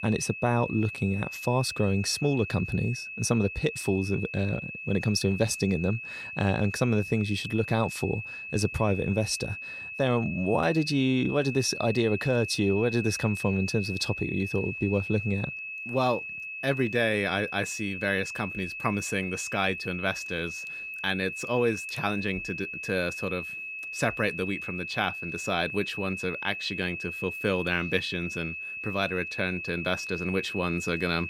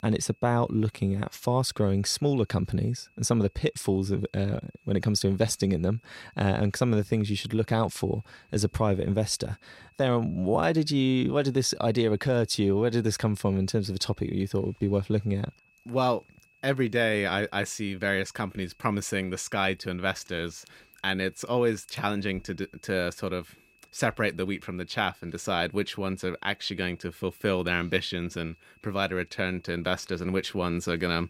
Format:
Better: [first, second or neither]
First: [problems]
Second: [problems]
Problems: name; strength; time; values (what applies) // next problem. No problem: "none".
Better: second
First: high-pitched whine; loud; throughout; 2.5 kHz, 6 dB below the speech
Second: high-pitched whine; faint; throughout; 2.5 kHz, 35 dB below the speech